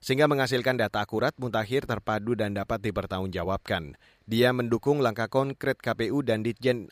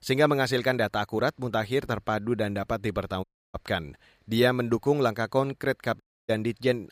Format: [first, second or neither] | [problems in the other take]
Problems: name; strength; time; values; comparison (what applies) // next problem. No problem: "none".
first | audio cutting out; at 3 s and at 6 s